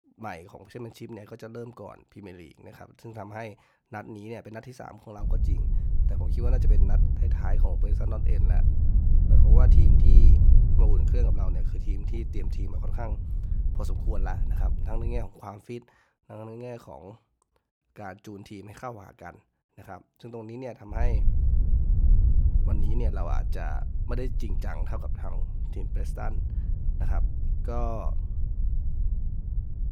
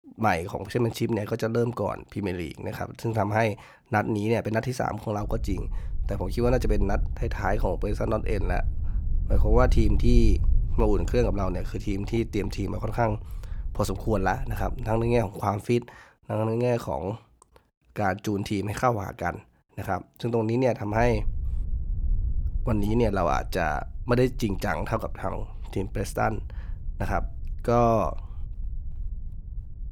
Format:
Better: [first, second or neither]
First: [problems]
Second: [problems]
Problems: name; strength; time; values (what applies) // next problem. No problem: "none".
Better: second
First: wind noise on the microphone; heavy; from 5 to 15 s and from 21 s on; 4 dB below the speech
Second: wind noise on the microphone; occasional gusts; from 5 to 15 s and from 21 s on; 25 dB below the speech